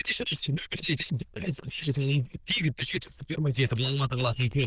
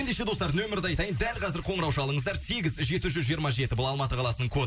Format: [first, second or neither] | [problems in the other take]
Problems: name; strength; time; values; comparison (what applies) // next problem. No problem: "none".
second | noise reduction (neural diffusion model UNIVERSE++)